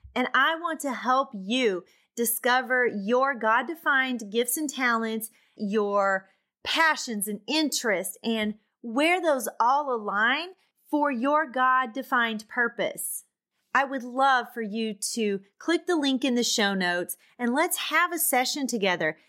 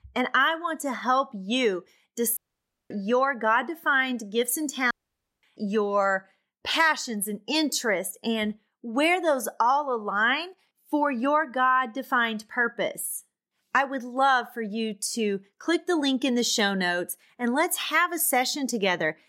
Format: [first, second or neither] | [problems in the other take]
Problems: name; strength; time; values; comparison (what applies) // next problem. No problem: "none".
first | audio cutting out; at 2.5 s for 0.5 s and at 5 s for 0.5 s